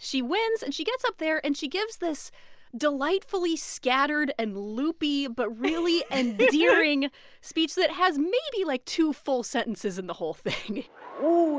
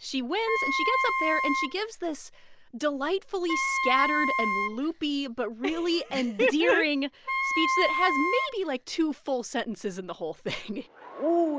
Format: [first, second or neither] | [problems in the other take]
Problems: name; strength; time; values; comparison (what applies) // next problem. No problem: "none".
first | background sound (Wind instrument, woodwind instrument); as loud as the speech